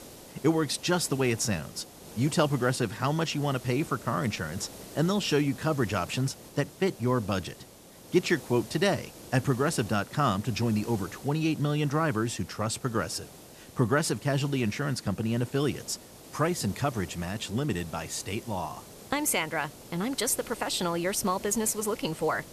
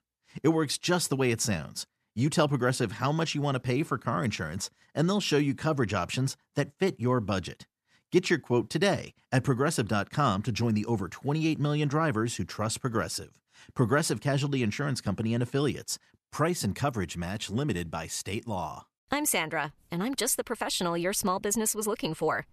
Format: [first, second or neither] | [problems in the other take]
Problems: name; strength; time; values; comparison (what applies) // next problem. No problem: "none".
second | hiss; noticeable; throughout; 15 dB below the speech